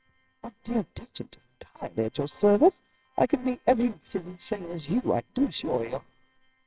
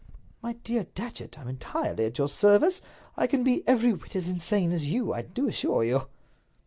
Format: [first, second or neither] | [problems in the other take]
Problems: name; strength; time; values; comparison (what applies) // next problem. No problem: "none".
second | noise reduction (neural separator model SepFormer WHAMR!)